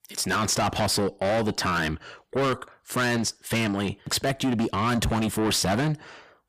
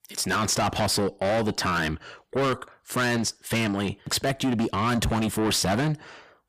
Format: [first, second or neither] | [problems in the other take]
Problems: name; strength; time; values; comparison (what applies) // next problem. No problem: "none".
neither | distortion; heavy; 6 dB below the speech; the same in both